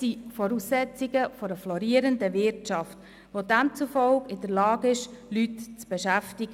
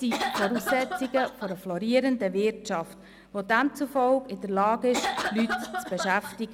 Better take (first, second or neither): first